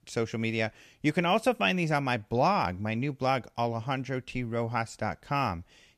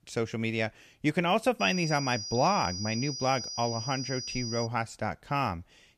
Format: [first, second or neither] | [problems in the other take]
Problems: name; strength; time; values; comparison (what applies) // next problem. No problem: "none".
first | high-pitched whine; loud; from 1.5 to 4.5 s; 5 kHz, 6 dB below the speech